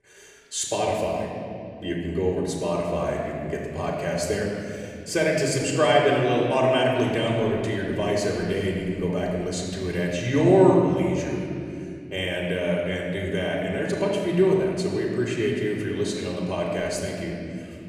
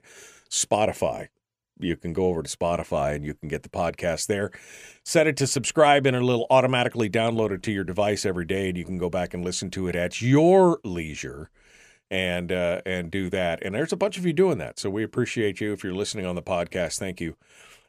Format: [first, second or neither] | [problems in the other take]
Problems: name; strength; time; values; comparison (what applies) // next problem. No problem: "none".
second | room echo; noticeable; dies away in 2.6 s // off-mic speech; far